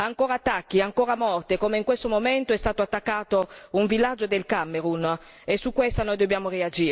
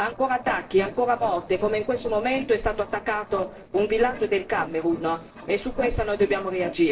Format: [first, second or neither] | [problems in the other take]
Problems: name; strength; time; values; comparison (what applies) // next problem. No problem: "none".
first | noise reduction (neural separator model SepFormer DNS4)